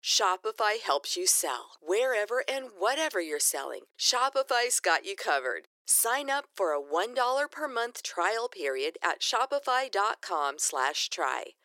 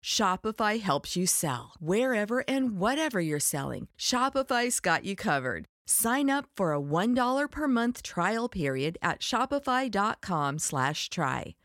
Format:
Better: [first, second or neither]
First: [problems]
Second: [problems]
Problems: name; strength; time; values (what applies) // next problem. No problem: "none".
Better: second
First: thin; very; fading below 350 Hz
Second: none